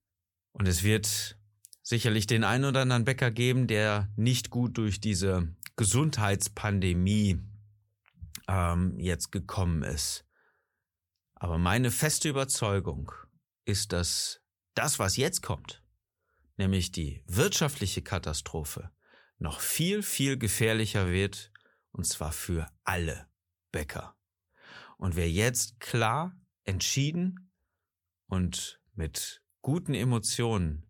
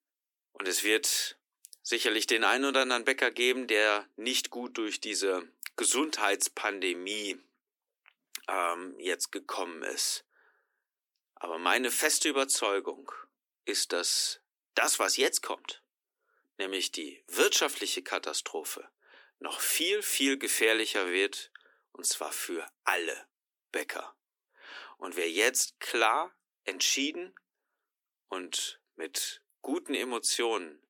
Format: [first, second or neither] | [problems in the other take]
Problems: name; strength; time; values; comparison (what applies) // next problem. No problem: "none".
first | thin; very; fading below 250 Hz